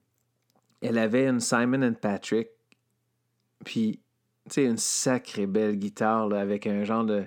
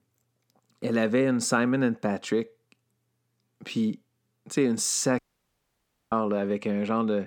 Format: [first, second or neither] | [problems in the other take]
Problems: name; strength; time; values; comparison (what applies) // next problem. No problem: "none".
first | audio cutting out; at 5 s for 1 s